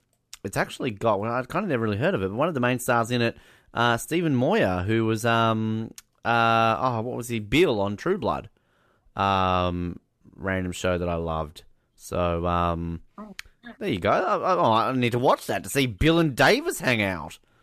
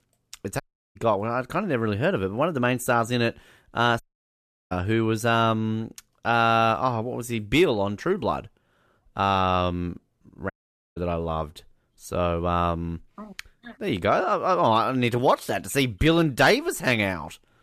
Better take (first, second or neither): first